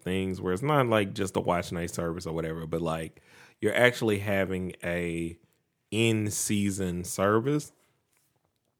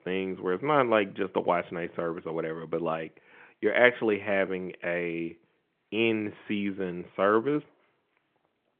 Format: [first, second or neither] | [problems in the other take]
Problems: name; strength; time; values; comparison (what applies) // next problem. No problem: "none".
first | phone-call audio